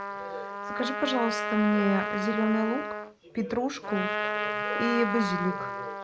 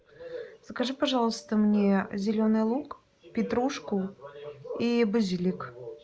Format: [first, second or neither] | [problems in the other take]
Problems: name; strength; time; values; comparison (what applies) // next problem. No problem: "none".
second | background sound (Trumpet); 3 dB below the speech